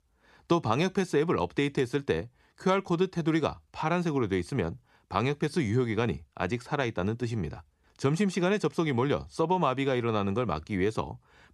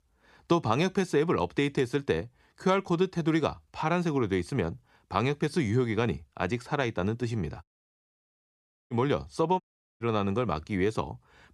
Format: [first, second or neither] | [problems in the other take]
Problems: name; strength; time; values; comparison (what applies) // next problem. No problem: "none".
first | audio cutting out; at 7.5 s for 1.5 s and at 9.5 s